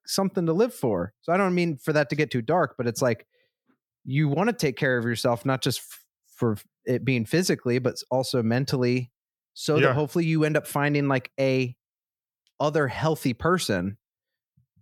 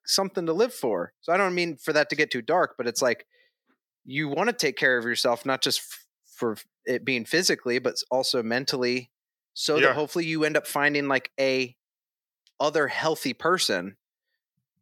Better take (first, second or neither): first